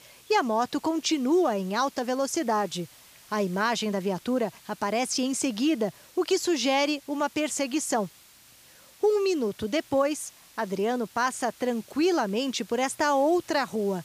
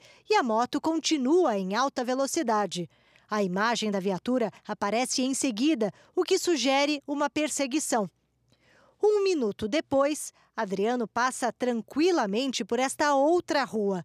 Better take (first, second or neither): second